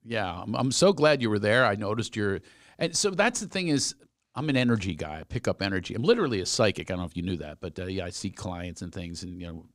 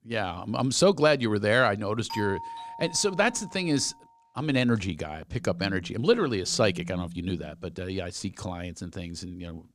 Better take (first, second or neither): first